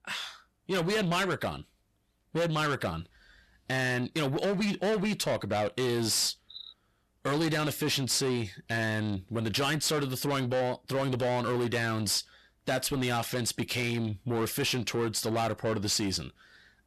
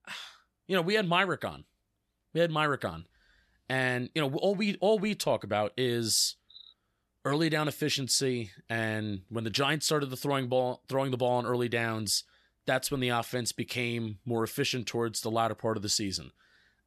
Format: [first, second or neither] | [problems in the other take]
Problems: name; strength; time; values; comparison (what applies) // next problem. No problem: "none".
second | distortion; heavy; 7 dB below the speech